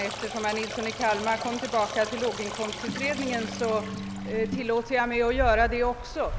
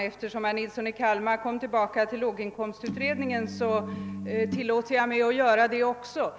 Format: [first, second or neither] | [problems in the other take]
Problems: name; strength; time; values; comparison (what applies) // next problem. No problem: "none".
second | background sound (Stream); 8 dB below the speech